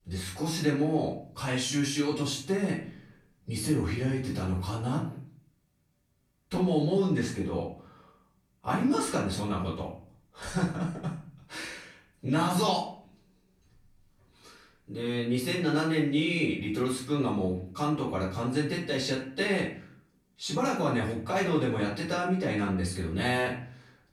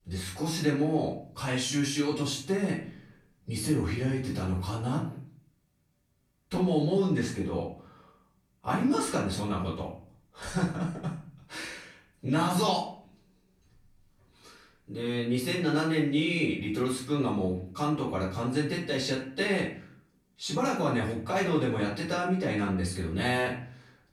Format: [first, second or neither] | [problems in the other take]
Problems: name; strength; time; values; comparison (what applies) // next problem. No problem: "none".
neither | off-mic speech; far; the same in both // room echo; noticeable; dies away in 0.5 s; the same in both